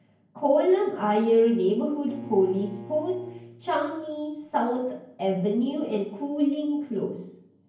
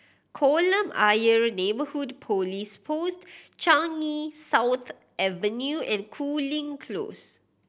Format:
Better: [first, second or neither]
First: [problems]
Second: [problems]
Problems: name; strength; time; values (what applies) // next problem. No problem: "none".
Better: second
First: background sound (Bowed string instrument); 19 dB below the speech // room echo; dies away in 0.9 s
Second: none